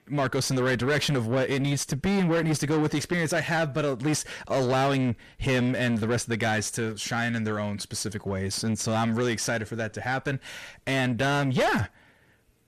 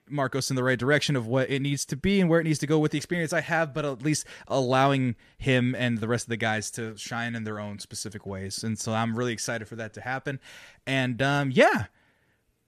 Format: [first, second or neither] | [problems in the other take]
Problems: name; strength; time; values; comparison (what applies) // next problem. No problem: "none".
second | distortion; heavy; 6 dB below the speech